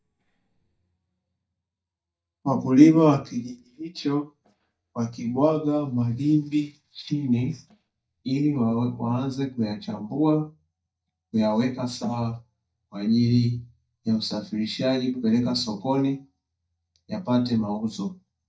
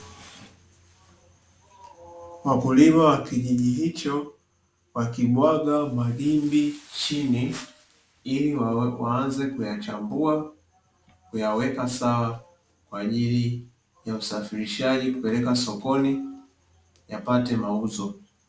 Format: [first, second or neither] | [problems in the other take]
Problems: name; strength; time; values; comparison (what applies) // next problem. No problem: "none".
second | noise reduction (neural mask model DeepFilterNet 3)